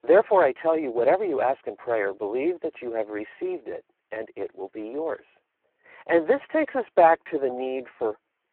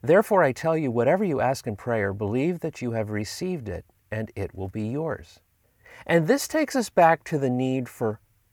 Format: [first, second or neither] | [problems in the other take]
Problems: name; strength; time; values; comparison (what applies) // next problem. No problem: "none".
second | phone-call audio; poor line